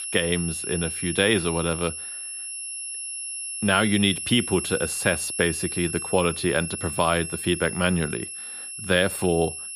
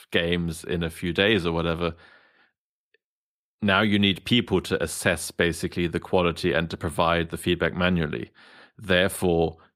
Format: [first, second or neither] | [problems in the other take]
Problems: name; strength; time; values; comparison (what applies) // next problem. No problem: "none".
second | high-pitched whine; loud; throughout; 11 kHz, 6 dB below the speech